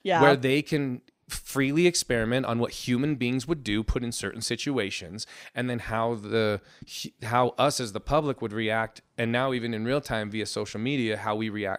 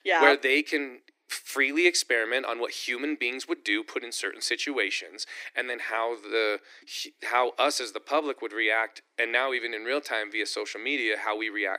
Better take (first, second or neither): first